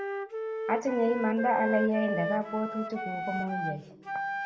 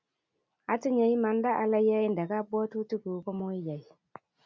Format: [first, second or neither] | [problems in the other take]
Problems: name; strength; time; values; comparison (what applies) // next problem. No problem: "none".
second | background sound (Wind instrument, woodwind instrument); 4 dB below the speech // room echo; dies away in 1.2 s